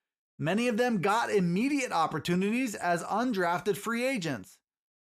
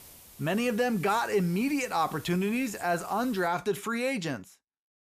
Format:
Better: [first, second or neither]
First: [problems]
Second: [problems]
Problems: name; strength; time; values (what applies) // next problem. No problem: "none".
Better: first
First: none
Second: hiss; noticeable; until 3.5 s; 20 dB below the speech